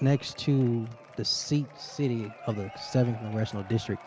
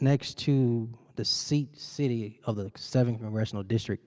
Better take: second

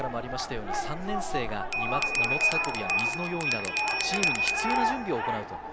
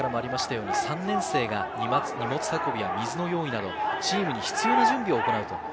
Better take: second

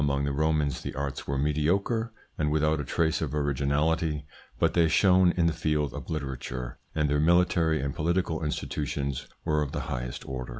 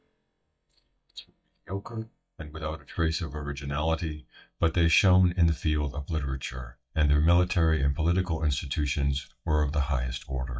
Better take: first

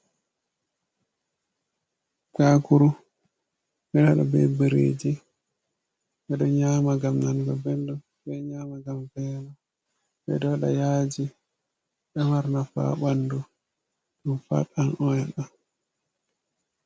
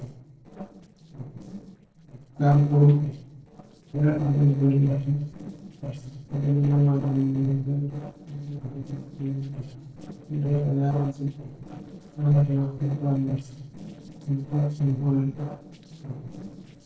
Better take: first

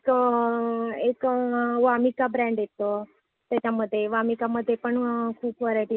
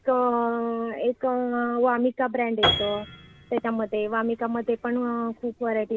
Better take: first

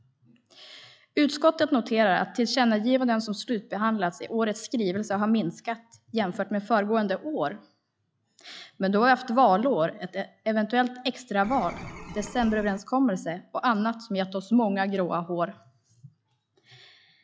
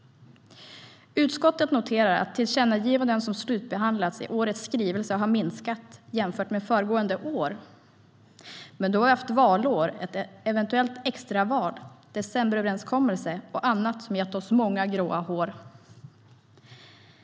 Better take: second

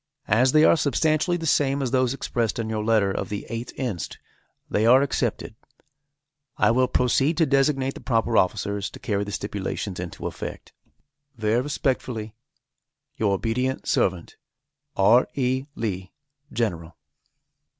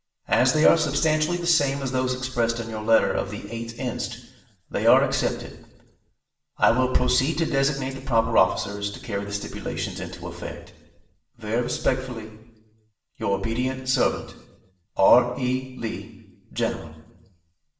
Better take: first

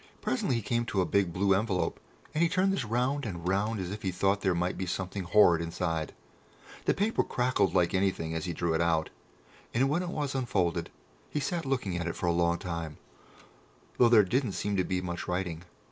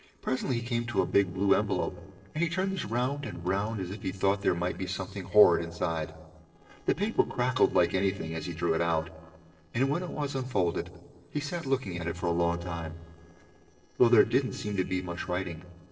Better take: first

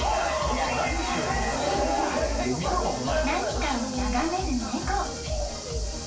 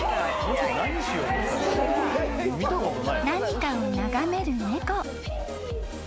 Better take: second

